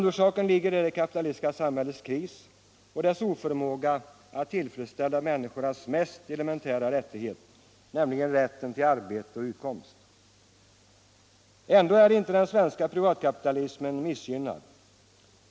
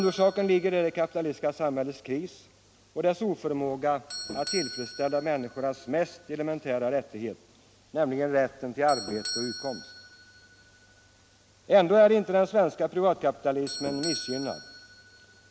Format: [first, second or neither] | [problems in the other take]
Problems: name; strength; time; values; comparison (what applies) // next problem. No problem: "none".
first | background sound (Doorbell); 15 dB below the speech